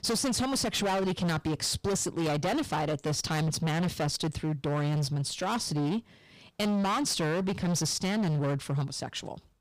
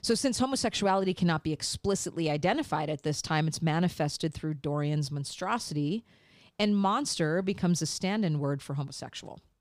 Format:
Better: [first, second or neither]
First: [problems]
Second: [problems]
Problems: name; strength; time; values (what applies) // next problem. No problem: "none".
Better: second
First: distortion; heavy; 27% of the sound clipped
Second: none